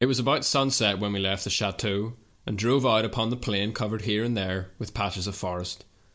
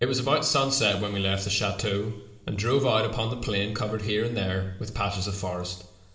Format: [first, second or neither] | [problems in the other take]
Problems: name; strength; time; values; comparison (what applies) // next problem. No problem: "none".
first | room echo; dies away in 1.7 s